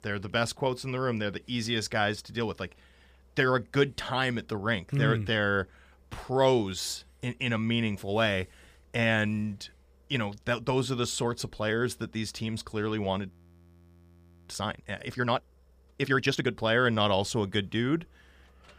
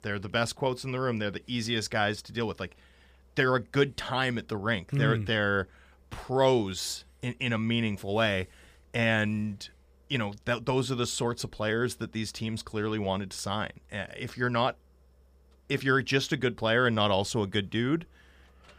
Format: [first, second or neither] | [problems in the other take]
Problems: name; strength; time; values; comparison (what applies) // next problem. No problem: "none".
second | audio freezing; at 13 s for 1 s